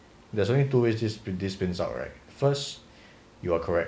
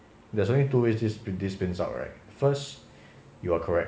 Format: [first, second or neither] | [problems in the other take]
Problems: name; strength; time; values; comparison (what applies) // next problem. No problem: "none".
first | room echo; dies away in 2.5 s